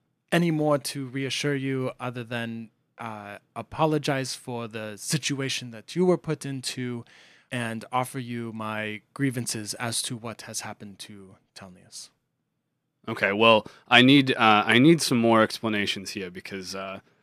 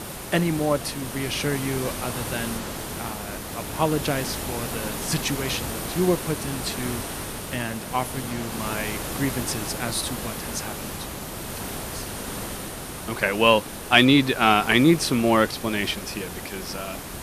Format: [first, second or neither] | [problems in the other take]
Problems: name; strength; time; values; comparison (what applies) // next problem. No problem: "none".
first | hiss; loud; throughout; 8 dB below the speech